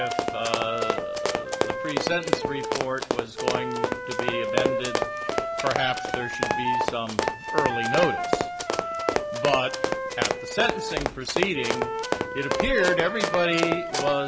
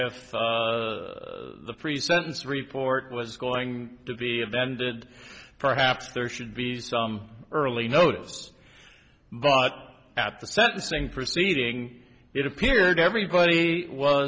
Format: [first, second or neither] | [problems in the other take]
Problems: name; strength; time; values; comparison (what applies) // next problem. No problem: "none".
second | background sound (Wind instrument, woodwind instrument + Run); 2 dB above the speech